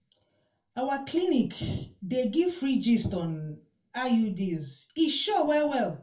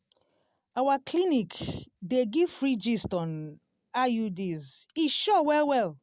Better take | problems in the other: second | room echo; dies away in 0.3 s

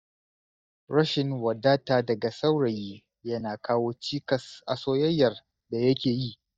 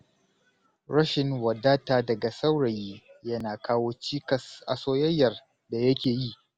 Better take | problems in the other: second | noise reduction (neural mask model DeepFilterNet 3)

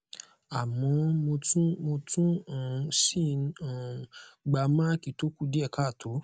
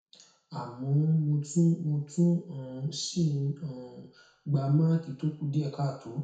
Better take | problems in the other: first | room echo; dies away in 0.6 s

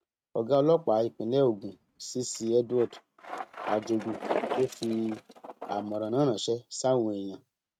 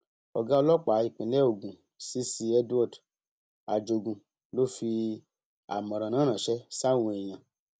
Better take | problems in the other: second | noise reduction (neural mask model RNNoise)

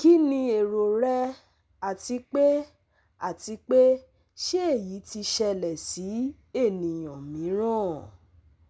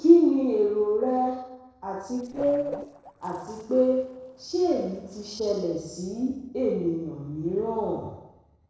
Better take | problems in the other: first | noise reduction (neural separator model SepFormer DNS4)

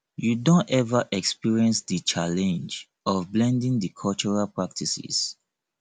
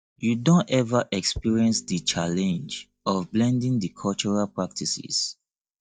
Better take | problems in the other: first | noise reduction (neural mask model DeepFilterNet 3)

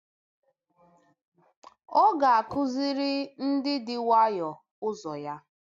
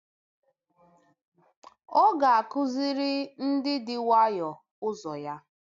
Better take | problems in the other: second | background sound (Whoosh, swoosh, swish); 15 dB below the speech

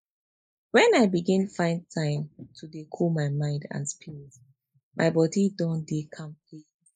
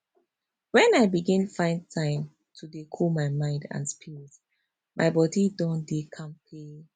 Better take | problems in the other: second | noise reduction (neural mask model Resemble Enhance denoiser)

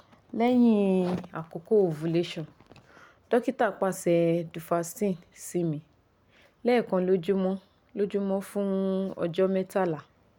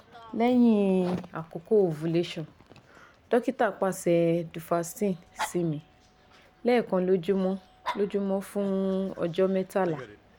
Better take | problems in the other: first | background sound (Dog); 19 dB below the speech

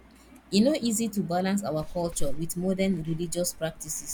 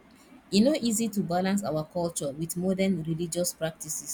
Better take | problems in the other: second | background sound (Clock); 7 dB below the speech

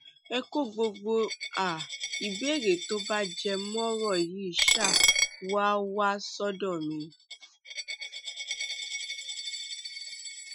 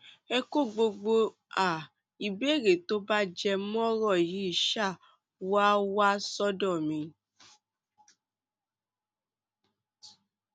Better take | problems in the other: second | noise reduction (classical method Wiener filter)

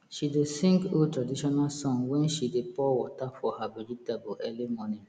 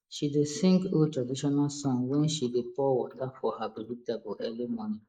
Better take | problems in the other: first | noise reduction (neural mask model Resemble Enhance denoiser)

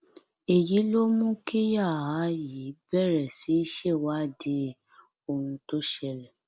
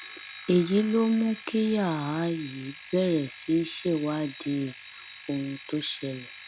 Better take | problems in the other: first | background sound (Alarm); 17 dB below the speech

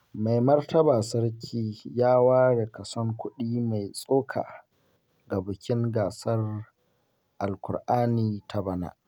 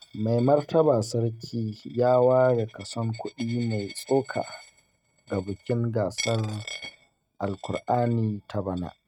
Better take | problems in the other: first | noise reduction (neural mask model RNNoise)

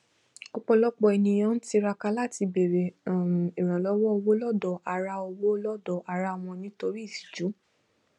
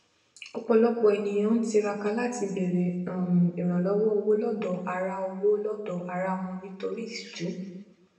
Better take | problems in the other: first | room echo; dies away in 1 s

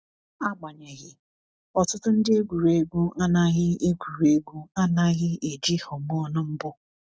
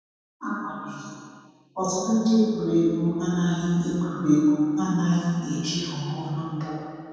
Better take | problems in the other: first | room echo; dies away in 2.1 s

